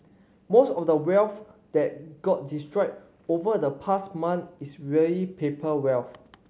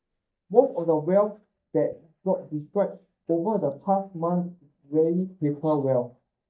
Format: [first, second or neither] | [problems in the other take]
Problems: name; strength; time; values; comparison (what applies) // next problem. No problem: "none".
first | noise reduction (neural mask model DeepFilterNet 3)